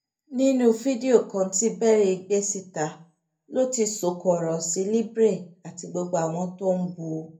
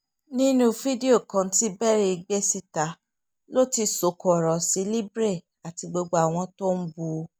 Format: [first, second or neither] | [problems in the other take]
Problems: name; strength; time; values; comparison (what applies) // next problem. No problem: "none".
second | room echo; dies away in 0.3 s